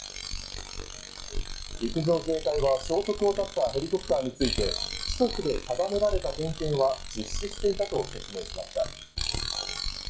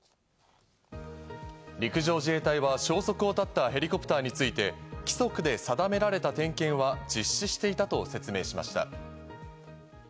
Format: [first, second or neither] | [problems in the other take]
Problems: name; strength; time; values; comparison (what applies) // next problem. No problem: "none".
second | noise reduction (classical method WPE with log-MMSE)